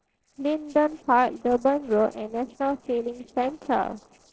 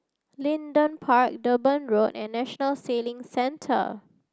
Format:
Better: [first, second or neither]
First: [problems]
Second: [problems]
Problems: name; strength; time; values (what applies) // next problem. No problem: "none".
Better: second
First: noise reduction (neural separator model SepFormer DNS4)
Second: none